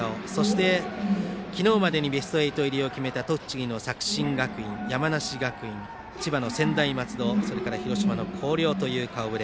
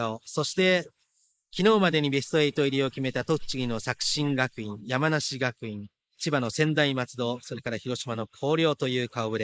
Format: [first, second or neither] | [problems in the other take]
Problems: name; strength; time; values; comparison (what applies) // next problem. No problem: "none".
first | noise reduction (neural mask model Resemble Enhance denoiser)